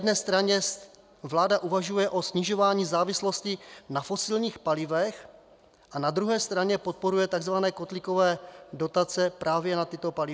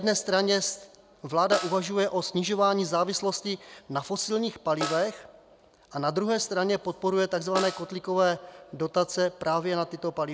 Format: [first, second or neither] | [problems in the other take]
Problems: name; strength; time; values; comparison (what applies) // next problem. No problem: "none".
first | background sound (Snare drum); 12 dB below the speech